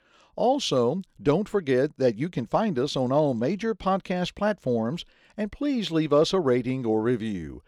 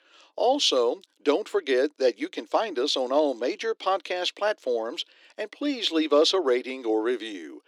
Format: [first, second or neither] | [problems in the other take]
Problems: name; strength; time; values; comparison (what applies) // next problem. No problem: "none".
first | thin; somewhat; fading below 300 Hz